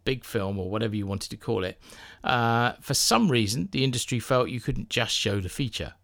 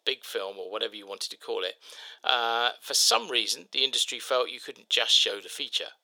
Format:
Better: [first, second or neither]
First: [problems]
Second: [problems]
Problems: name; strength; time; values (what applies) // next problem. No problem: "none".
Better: first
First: none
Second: thin; very; fading below 450 Hz